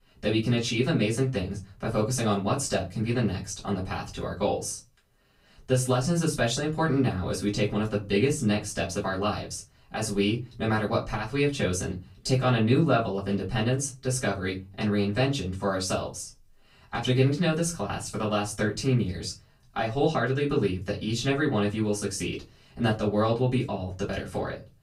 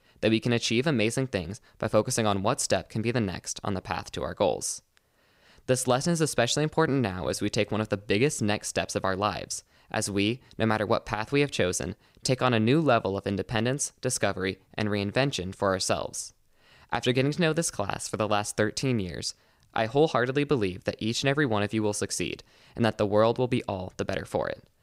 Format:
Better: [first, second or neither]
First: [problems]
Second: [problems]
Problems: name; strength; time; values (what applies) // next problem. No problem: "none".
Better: second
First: off-mic speech; far // room echo; very slight; dies away in 0.3 s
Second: none